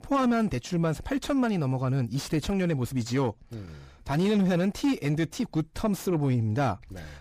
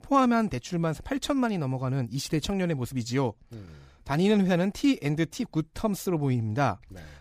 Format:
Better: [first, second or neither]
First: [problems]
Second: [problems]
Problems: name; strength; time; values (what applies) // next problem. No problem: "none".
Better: second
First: distortion; slight; 10 dB below the speech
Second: none